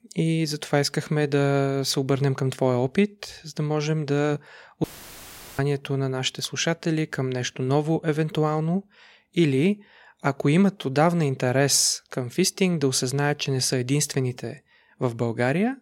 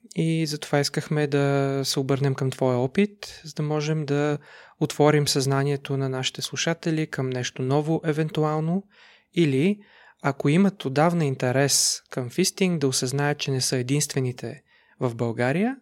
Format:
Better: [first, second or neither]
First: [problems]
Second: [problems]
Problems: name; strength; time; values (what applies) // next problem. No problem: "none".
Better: second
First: audio cutting out; filled with static; at 5 s for 1 s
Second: none